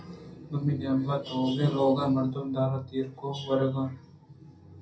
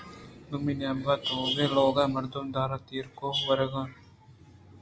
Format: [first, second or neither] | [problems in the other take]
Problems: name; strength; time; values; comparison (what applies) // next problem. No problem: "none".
second | room echo; dies away in 0.3 s